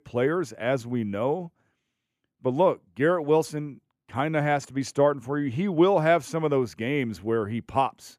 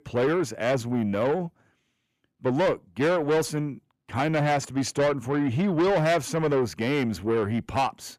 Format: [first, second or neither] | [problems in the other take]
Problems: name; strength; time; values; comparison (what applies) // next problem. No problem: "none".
first | distortion; heavy; 8 dB below the speech